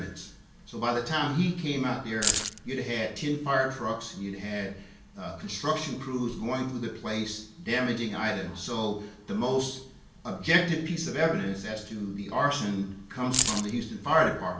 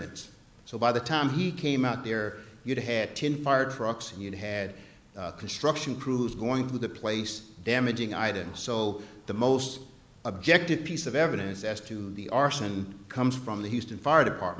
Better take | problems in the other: second | background sound (Keys jangling); 2 dB above the speech // room echo; dies away in 0.3 s

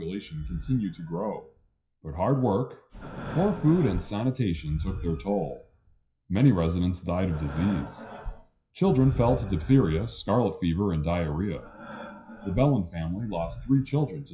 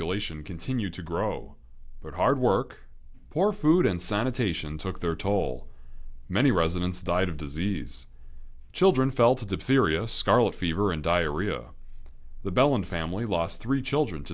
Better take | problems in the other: second | noise reduction (classical method WPE with log-MMSE)

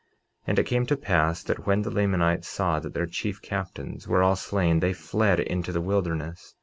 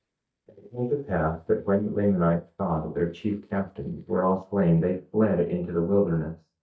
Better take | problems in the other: first | noise reduction (neural mask model DeepFilterNet 3)

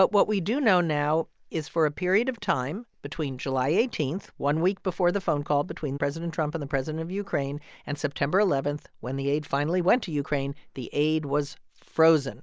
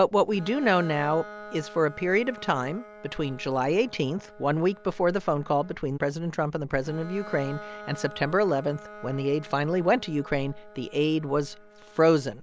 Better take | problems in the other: first | background sound (Bowed string instrument); 18 dB below the speech

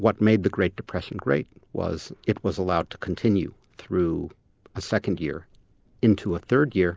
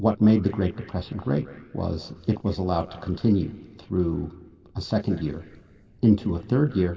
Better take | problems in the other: first | room echo; dies away in 2 s

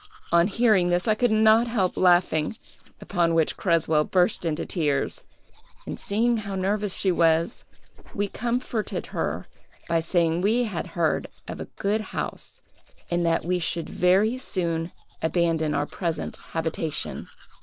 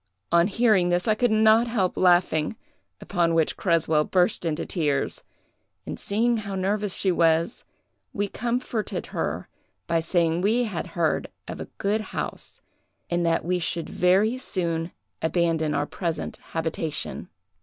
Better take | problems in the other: second | background sound (Domestic sounds, home sounds); 19 dB below the speech

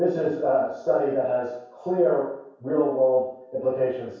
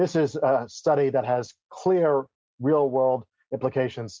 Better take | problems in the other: second | room echo; dies away in 0.7 s

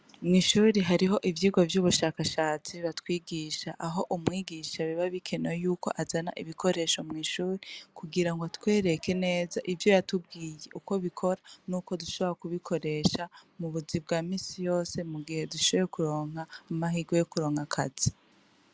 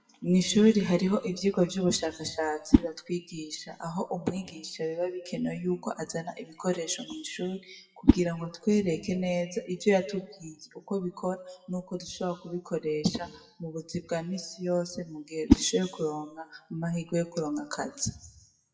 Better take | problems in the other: first | noise reduction (classical method WPE with log-MMSE)

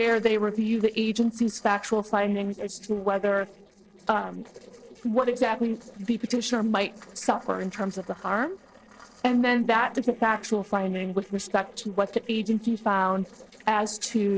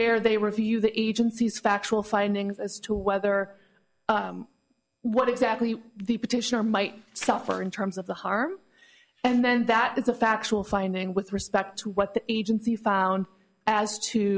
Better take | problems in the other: second | noise reduction (neural separator model SepFormer DNS4)

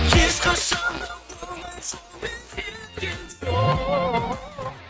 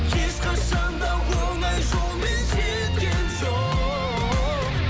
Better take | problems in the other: second | noise reduction (neural mask model RNNoise)

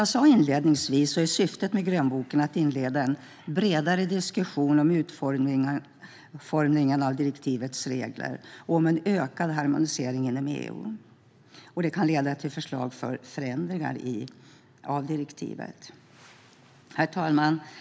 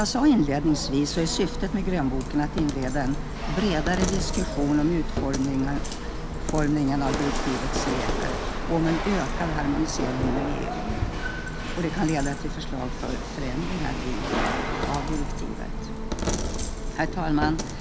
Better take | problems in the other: first | background sound (Coin (dropping) + Rattle / Chatter / Hiss / Engine / Mechanisms); 1 dB below the speech

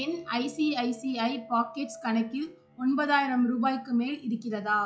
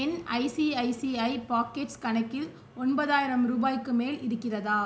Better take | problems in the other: second | noise reduction (classical method log-MMSE)

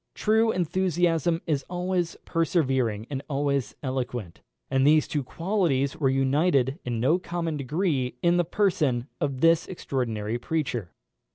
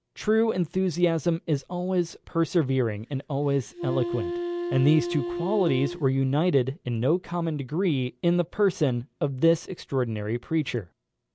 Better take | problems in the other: first | background sound (Wind instrument, woodwind instrument); 6 dB below the speech

